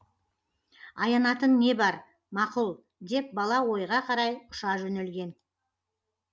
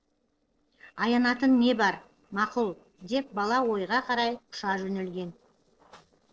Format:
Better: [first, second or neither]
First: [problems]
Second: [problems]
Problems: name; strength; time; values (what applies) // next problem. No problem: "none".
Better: first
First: none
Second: noise reduction (neural separator model SepFormer DNS4)